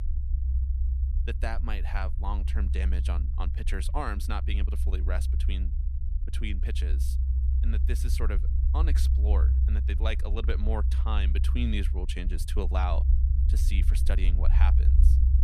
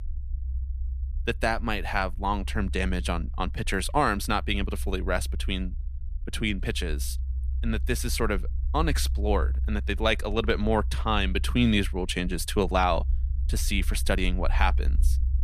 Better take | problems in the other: second | low rumble; loud; throughout; 8 dB below the speech; faint in the second

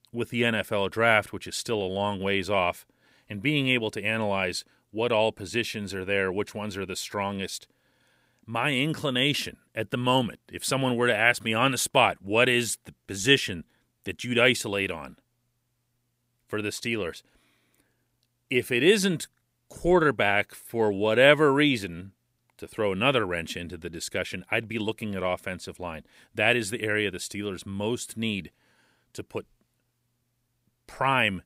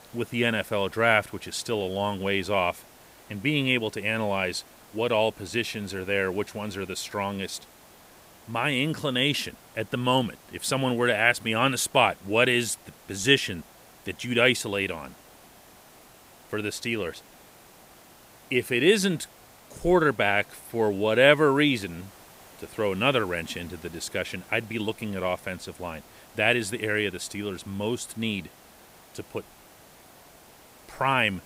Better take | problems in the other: first | hiss; faint; throughout; 25 dB below the speech

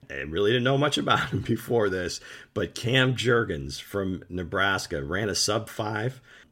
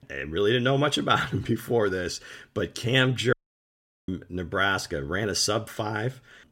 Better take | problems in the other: first | audio cutting out; at 3.5 s for 1 s

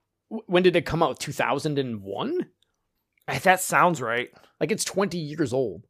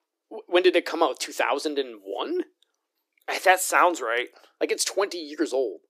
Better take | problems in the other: first | thin; somewhat; fading below 300 Hz

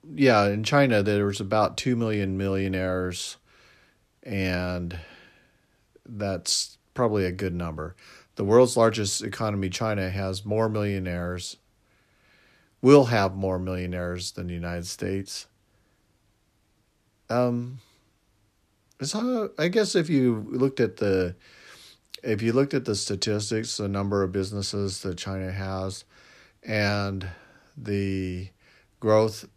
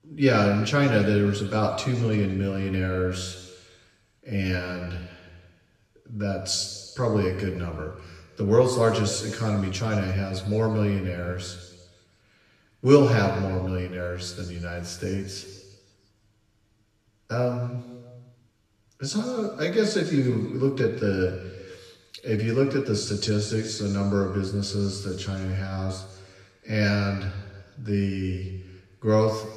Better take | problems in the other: first | room echo; noticeable; dies away in 1.2 s // off-mic speech; far

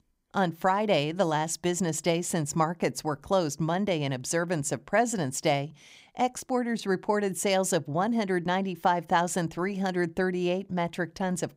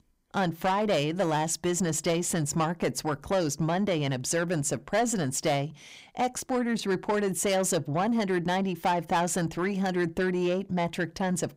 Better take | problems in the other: first | distortion; slight; 10 dB below the speech

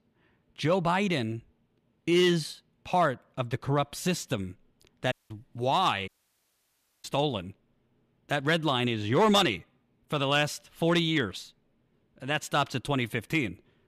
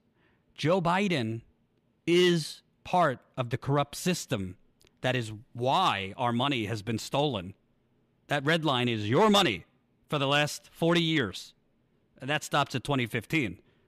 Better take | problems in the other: second | audio cutting out; at 5 s and at 6 s for 1 s

